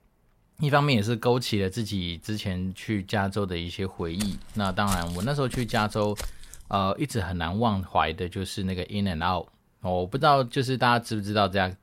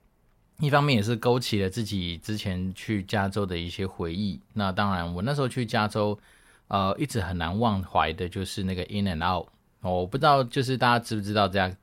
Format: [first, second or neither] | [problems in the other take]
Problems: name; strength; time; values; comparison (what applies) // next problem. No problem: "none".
second | footsteps; noticeable; from 4 to 7 s; peak 8 dB below the speech